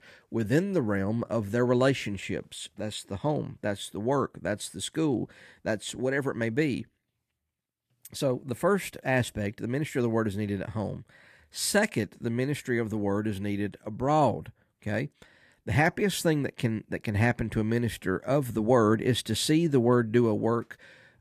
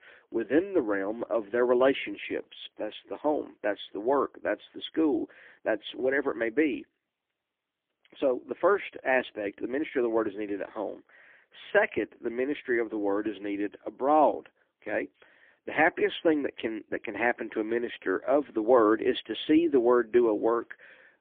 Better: first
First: none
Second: phone-call audio; poor line; nothing above 3.5 kHz

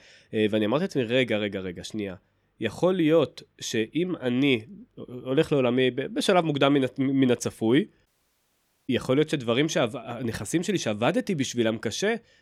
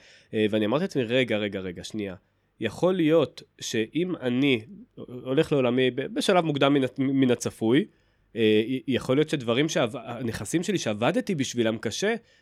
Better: second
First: audio cutting out; at 8 s for 1 s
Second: none

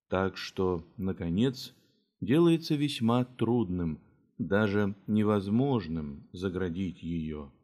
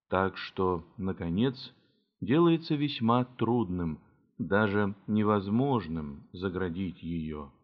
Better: first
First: none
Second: muffled; very slightly; fading above 4 kHz

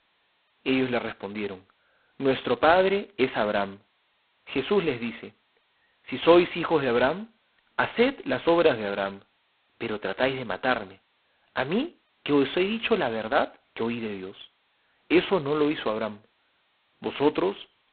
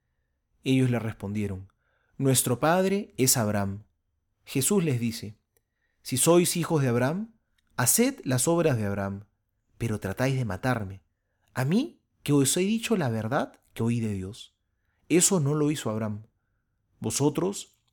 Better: second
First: phone-call audio; poor line; nothing above 4 kHz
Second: none

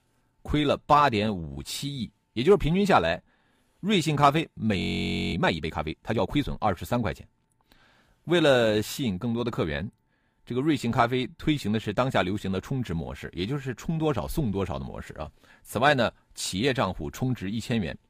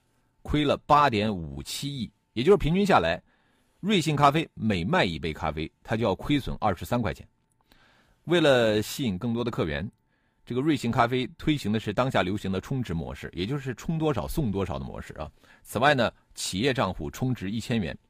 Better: second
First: audio freezing; at 5 s for 0.5 s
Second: none

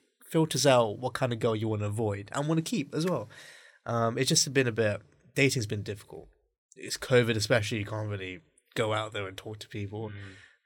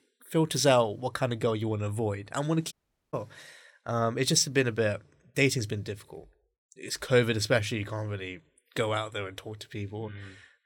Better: first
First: none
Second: audio cutting out; at 2.5 s

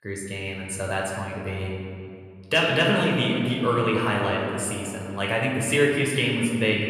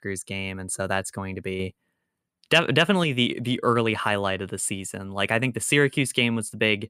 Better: second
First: off-mic speech; somewhat distant // room echo; noticeable; dies away in 2.1 s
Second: none

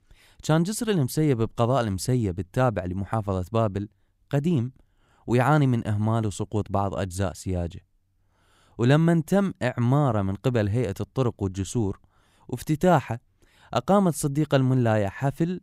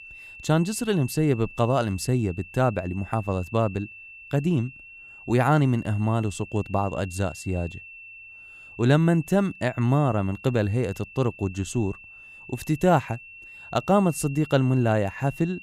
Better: first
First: none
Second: high-pitched whine; noticeable; throughout; 2.5 kHz, 20 dB below the speech

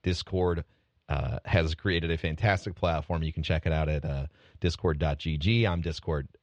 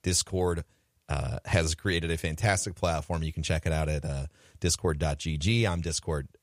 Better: second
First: muffled; slightly; fading above 3.5 kHz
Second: none

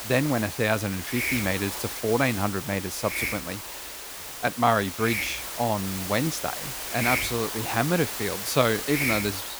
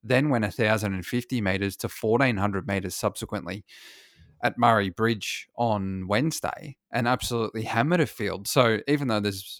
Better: second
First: hiss; loud; throughout; 3 dB below the speech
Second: none

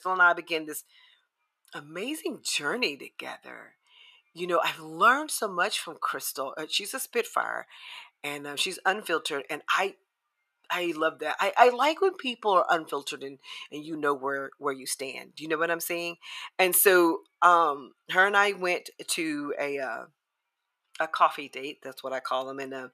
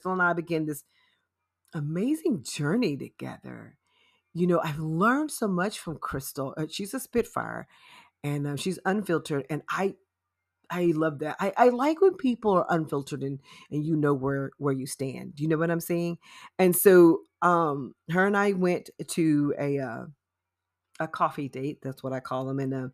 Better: second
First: thin; very; fading below 600 Hz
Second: none

